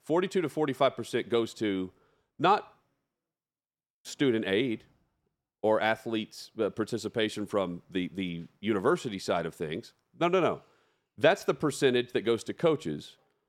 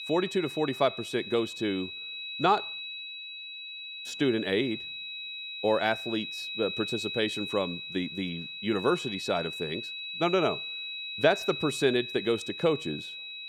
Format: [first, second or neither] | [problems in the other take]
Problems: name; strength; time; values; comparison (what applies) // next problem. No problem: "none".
first | high-pitched whine; loud; throughout; 4 kHz, 6 dB below the speech